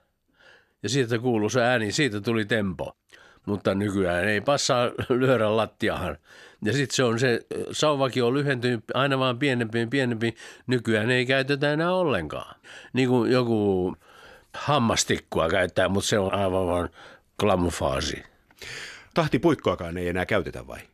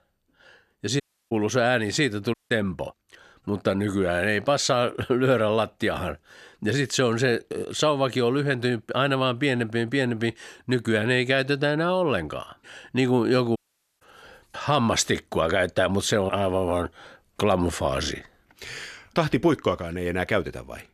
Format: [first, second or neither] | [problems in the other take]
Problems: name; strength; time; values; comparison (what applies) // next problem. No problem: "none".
first | audio cutting out; at 1 s, at 2.5 s and at 14 s